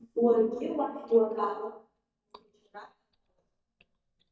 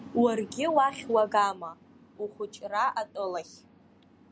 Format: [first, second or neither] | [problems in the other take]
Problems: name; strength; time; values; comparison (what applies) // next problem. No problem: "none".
second | noise reduction (neural mask model DeepFilterNet 3)